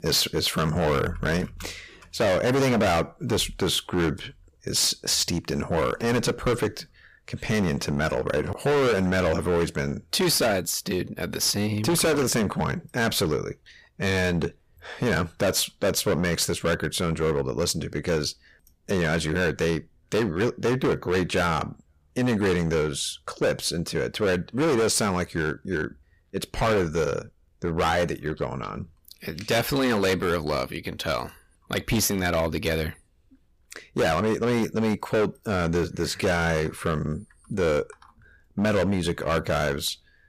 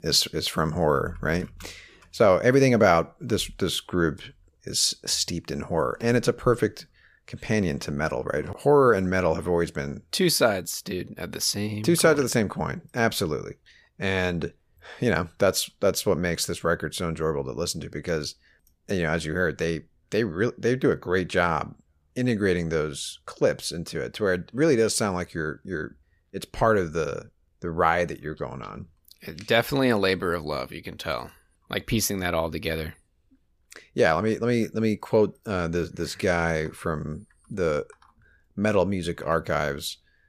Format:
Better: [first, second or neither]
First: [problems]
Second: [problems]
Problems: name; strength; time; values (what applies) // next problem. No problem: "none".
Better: second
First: distortion; heavy; 13% of the sound clipped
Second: none